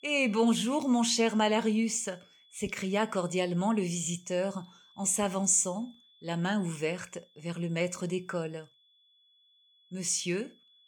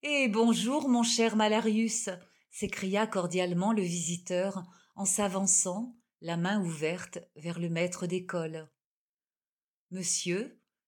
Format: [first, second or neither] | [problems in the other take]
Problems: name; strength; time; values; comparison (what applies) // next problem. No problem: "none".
second | high-pitched whine; faint; throughout; 3.5 kHz, 30 dB below the speech